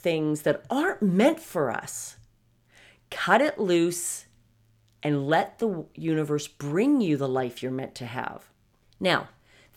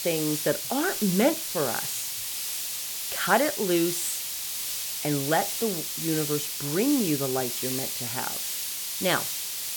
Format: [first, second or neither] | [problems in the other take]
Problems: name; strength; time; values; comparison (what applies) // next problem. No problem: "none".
first | hiss; loud; throughout; 1 dB below the speech